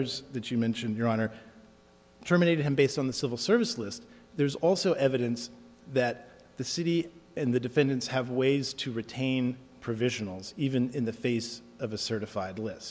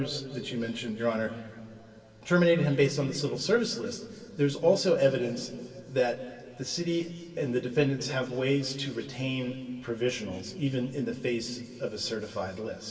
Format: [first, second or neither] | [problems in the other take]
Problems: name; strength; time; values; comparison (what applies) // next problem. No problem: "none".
first | room echo; dies away in 2.4 s